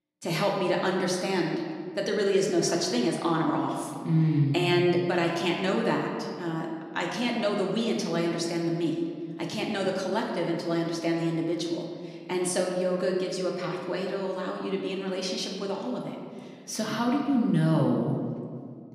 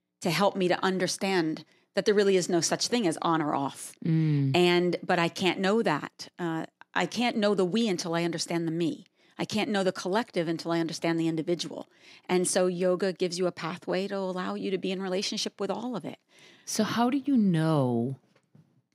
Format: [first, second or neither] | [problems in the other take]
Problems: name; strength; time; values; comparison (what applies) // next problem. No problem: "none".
second | room echo; noticeable; dies away in 1.7 s // off-mic speech; somewhat distant